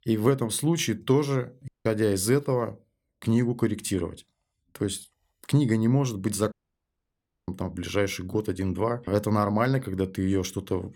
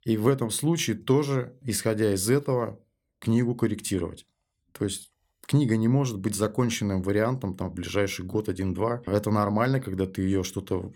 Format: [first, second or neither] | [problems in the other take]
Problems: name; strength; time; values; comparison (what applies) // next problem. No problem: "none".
second | audio cutting out; at 1.5 s and at 6.5 s for 1 s